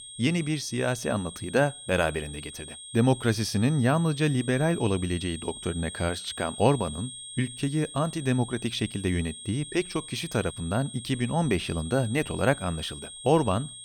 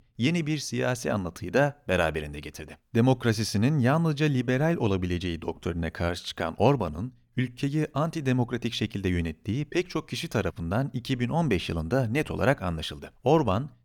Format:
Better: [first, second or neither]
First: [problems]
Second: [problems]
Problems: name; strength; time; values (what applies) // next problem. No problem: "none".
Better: second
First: high-pitched whine; noticeable; throughout; 8.5 kHz, 10 dB below the speech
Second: none